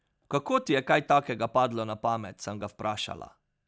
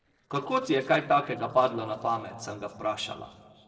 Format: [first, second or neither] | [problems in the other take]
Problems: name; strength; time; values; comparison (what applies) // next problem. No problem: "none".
first | noise reduction (neural separator model SepFormer DNS4)